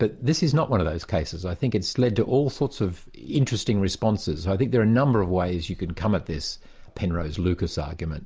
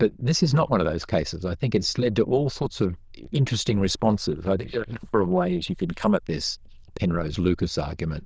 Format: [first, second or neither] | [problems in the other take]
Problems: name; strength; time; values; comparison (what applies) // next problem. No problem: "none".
first | noise reduction (neural diffusion model UNIVERSE++)